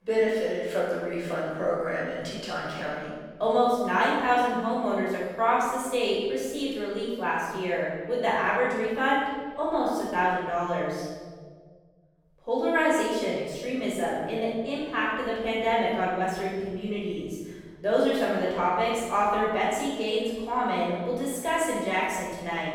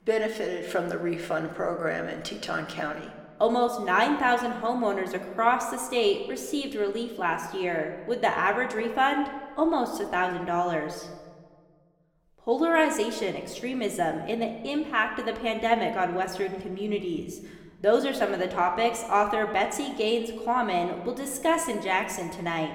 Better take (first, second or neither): second